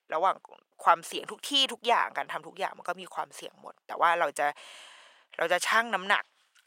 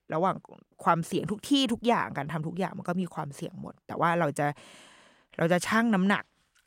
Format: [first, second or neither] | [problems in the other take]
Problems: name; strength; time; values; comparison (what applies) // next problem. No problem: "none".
second | thin; very; fading below 750 Hz